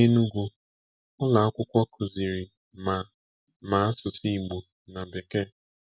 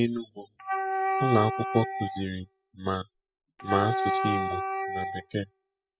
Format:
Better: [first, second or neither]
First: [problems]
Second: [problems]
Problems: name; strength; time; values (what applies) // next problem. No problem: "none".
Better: first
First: none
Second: noise reduction (classical method spectral subtraction)